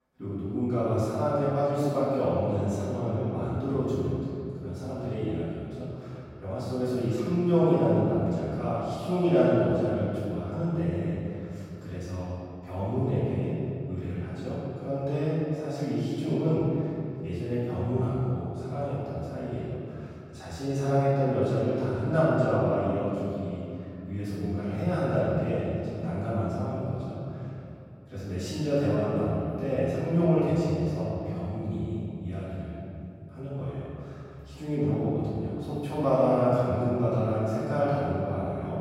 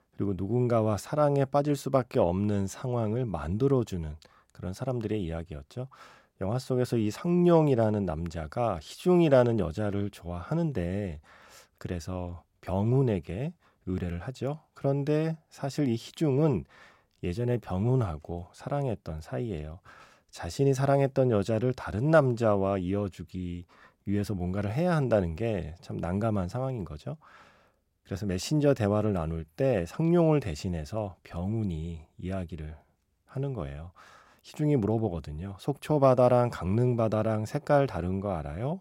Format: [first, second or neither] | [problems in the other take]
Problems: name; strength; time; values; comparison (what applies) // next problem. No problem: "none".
second | room echo; strong; dies away in 2.5 s // off-mic speech; far